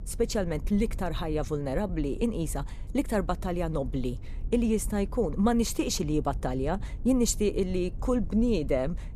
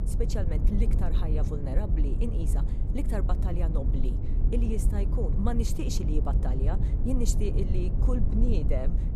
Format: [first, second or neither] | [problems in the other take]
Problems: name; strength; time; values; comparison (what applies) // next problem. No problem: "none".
first | low rumble; loud; throughout; 5 dB below the speech; faint in the first